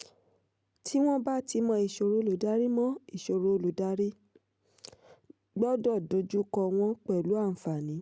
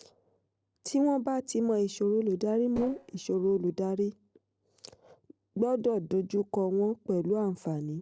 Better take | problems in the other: first | noise reduction (neural separator model SepFormer DNS4)

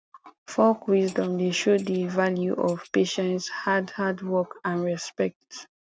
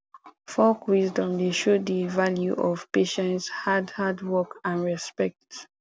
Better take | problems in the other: second | noise reduction (neural mask model RNNoise)

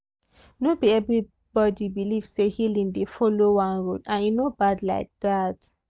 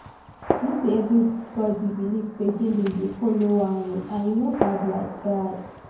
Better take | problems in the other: first | background sound (Gunshot, gunfire); 9 dB below the speech // room echo; dies away in 0.9 s

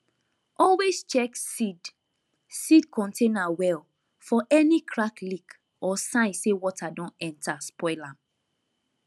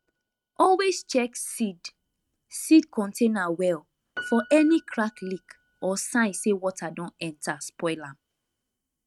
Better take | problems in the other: first | noise reduction (neural mask model RNNoise)

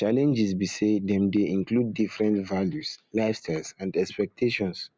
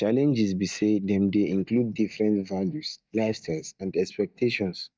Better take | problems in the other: first | noise reduction (neural mask model DeepFilterNet 3)

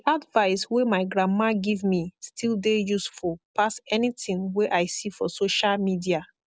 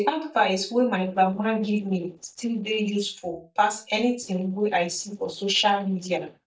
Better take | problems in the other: first | noise reduction (neural mask model DeepFilterNet 3)

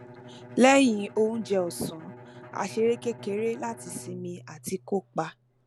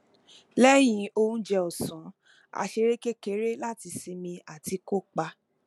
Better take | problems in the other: second | background sound (Bowed string instrument); 18 dB below the speech

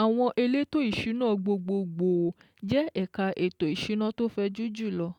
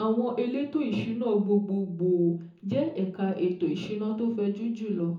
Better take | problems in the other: first | room echo; dies away in 0.6 s

